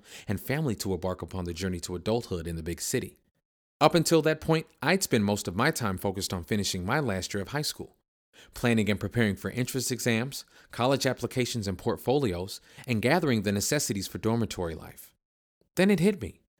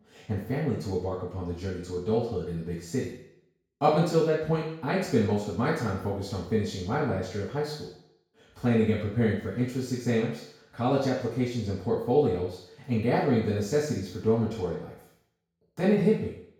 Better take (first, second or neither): first